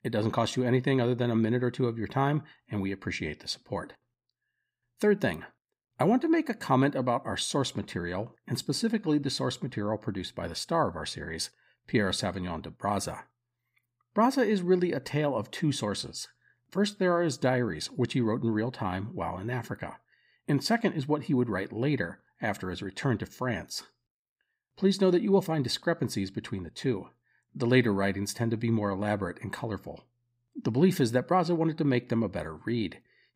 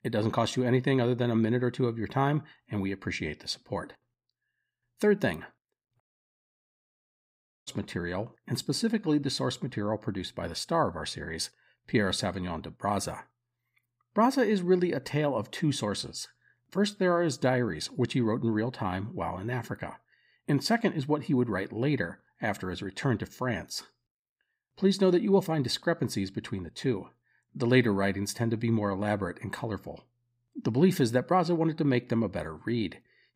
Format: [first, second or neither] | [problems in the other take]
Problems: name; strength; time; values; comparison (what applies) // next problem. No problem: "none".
first | audio cutting out; at 6 s for 1.5 s